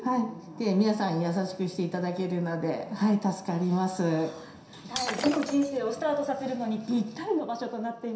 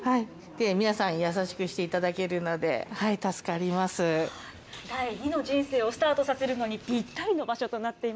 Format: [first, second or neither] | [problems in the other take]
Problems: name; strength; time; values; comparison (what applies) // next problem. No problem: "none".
second | background sound (Shatter); 8 dB below the speech // room echo; dies away in 0.7 s